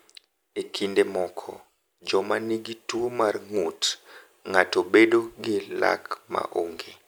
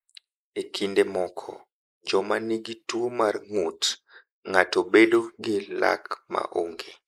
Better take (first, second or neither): first